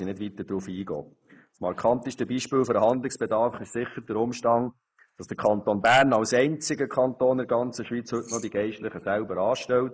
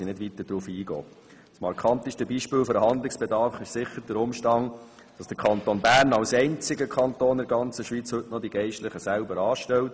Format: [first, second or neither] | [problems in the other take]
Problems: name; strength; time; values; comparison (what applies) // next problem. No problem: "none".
second | noise reduction (neural mask model Resemble Enhance denoiser)